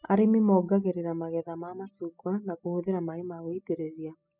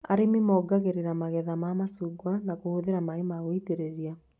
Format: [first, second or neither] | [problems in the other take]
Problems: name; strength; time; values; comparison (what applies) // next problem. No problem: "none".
second | noise reduction (classical method spectral subtraction)